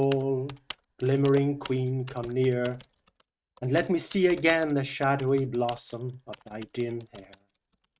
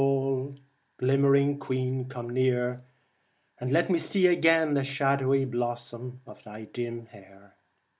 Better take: second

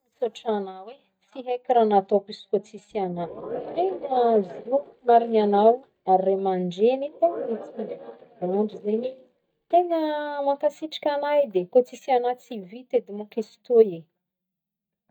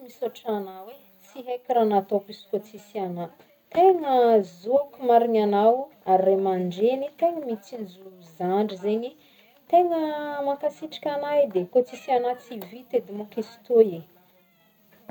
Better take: second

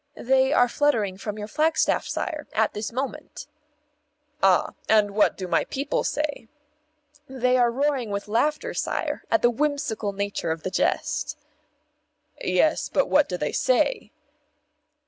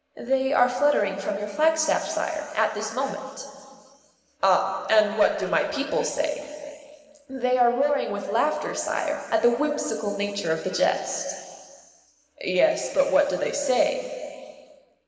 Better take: first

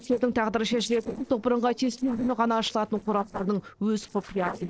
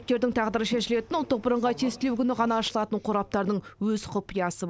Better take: second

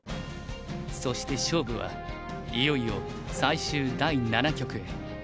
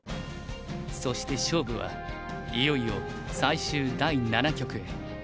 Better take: first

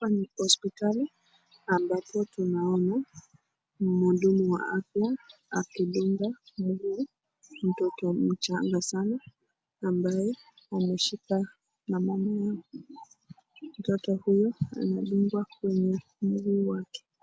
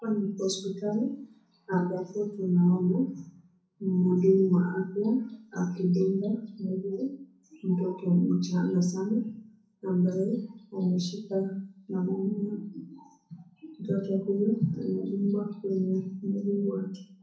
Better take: first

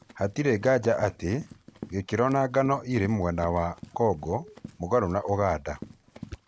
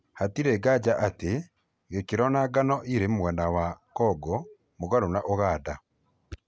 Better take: second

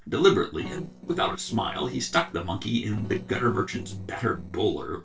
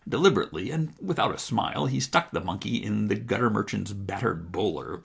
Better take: second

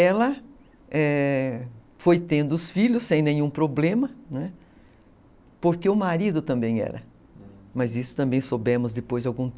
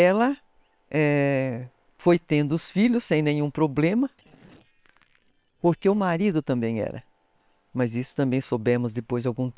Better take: first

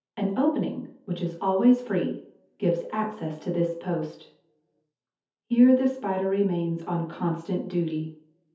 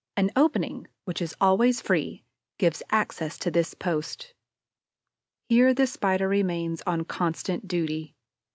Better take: second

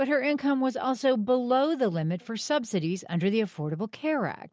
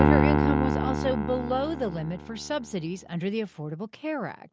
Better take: first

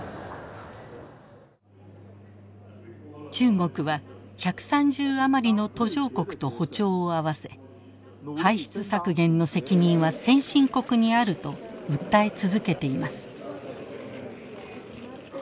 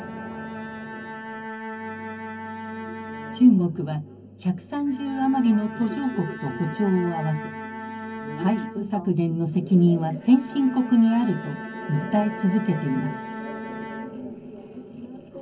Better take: first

